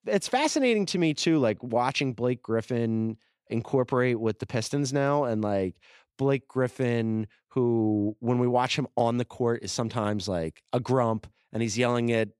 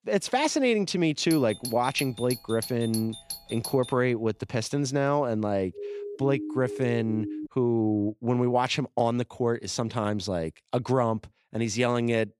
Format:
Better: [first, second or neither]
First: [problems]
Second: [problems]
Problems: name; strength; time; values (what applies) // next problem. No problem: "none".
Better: first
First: none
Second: doorbell; noticeable; from 1.5 to 4 s; peak 8 dB below the speech // siren; noticeable; from 6 to 7.5 s; peak 8 dB below the speech